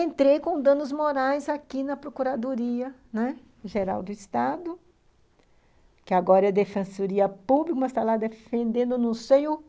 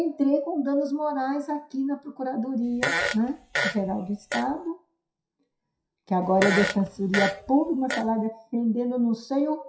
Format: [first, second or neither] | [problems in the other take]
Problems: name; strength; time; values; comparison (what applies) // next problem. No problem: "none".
first | noise reduction (classical method WPE with log-MMSE)